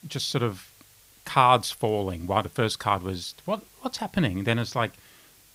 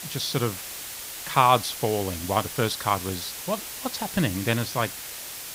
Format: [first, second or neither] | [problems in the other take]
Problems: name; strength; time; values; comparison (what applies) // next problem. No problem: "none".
first | hiss; loud; throughout; 8 dB below the speech; faint in the first